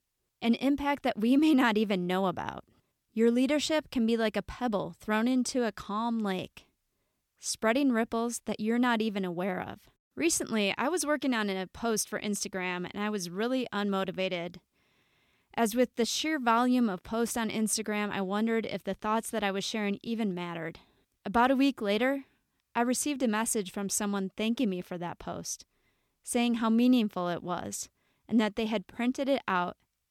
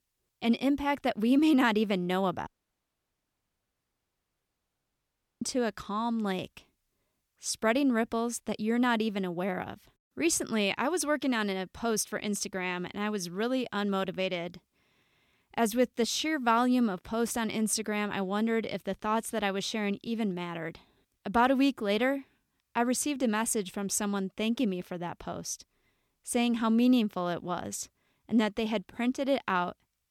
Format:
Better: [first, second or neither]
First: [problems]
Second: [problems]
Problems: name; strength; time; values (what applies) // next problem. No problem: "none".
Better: first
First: none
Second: audio cutting out; at 2.5 s for 3 s